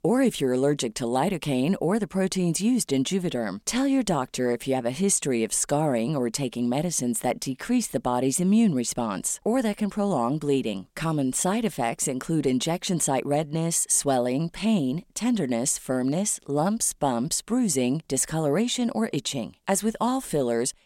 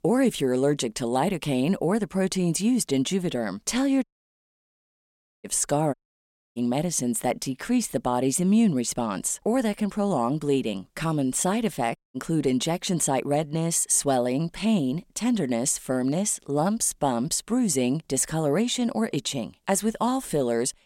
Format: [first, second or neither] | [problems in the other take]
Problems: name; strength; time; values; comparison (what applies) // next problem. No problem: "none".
first | audio cutting out; at 4 s for 1.5 s, at 6 s for 0.5 s and at 12 s